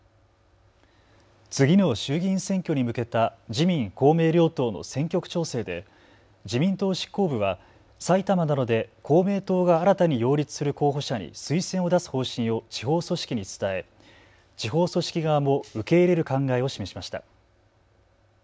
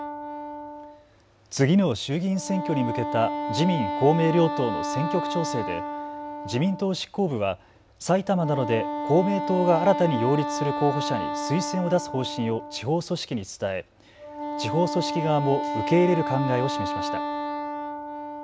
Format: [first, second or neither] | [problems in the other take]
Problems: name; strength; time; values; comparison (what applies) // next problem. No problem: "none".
first | background sound (Wind instrument, woodwind instrument); 5 dB below the speech